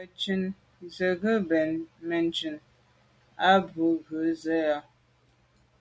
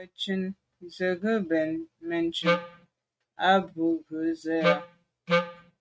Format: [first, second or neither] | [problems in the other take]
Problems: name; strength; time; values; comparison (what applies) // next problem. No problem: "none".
first | noise reduction (neural mask model RNNoise)